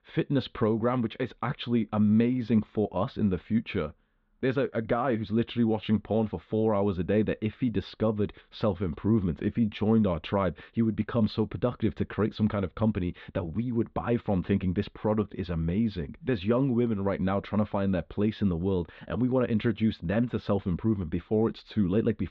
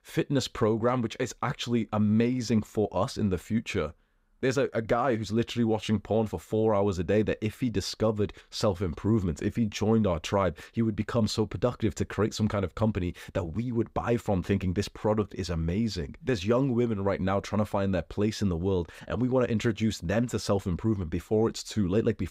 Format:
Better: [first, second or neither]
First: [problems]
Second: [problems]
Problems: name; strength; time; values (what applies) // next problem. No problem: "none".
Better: second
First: muffled; slightly; fading above 3.5 kHz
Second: none